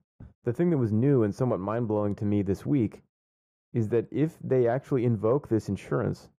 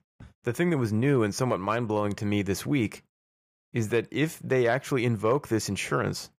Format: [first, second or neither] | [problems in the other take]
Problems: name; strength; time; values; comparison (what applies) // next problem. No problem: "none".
second | muffled; slightly; fading above 1 kHz